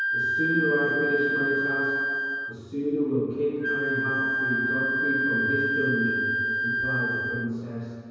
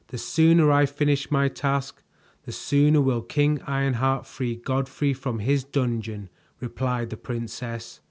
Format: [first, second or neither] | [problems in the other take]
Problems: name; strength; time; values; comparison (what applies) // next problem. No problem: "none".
second | background sound (Wind instrument, woodwind instrument); 2 dB above the speech // room echo; dies away in 2.2 s